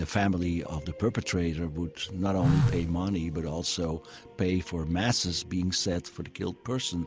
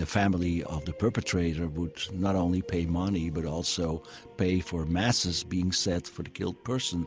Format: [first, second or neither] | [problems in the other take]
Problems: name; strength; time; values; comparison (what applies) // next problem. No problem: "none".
second | background sound (Telephone); as loud as the speech